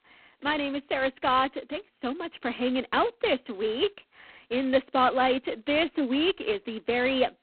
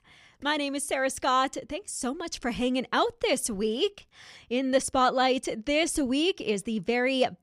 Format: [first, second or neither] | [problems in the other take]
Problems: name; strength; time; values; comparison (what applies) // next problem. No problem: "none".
second | phone-call audio; poor line